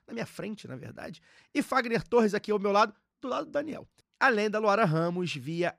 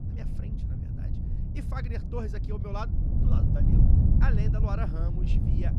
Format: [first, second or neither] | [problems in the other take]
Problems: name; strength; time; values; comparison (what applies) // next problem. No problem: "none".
first | wind noise on the microphone; heavy; 1 dB below the speech